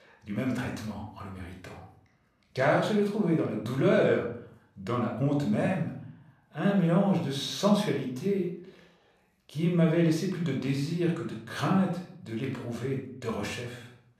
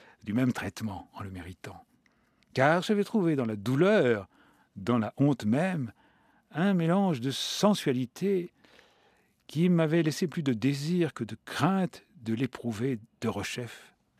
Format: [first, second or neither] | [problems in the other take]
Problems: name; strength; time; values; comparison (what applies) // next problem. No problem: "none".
second | off-mic speech; somewhat distant // room echo; noticeable; dies away in 0.5 s